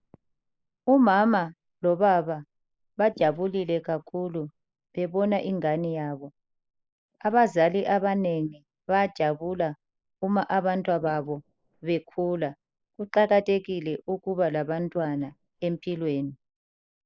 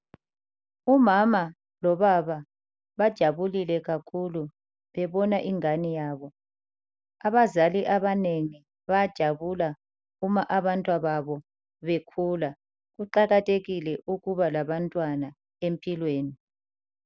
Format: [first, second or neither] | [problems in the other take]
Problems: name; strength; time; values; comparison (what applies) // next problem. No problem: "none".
second | noise reduction (neural mask model Resemble Enhance denoiser)